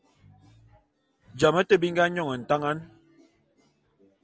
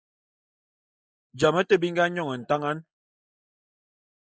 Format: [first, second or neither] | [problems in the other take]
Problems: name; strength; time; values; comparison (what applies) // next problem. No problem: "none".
first | noise reduction (neural mask model Resemble Enhance denoiser)